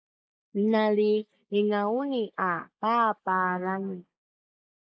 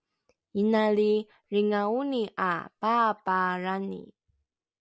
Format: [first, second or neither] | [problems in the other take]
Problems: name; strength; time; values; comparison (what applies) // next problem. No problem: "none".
second | noise reduction (neural mask model Resemble Enhance denoiser)